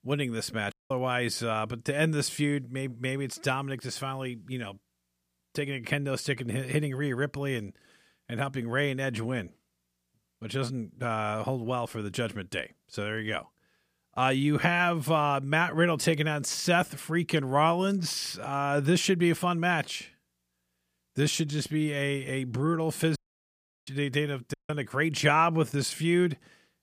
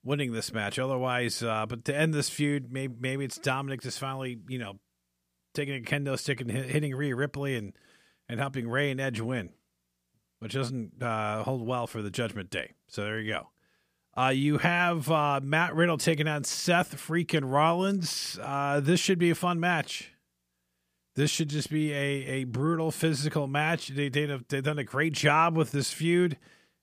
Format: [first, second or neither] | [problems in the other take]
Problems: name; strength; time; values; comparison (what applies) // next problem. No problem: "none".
second | audio cutting out; at 0.5 s, at 23 s for 0.5 s and at 25 s